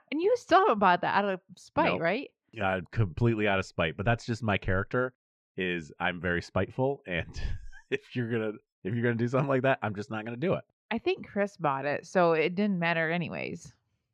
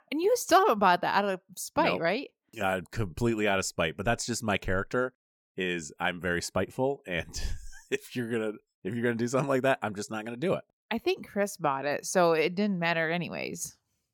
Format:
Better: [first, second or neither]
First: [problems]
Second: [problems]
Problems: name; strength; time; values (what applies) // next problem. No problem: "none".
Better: second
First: muffled; slightly; fading above 3 kHz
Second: none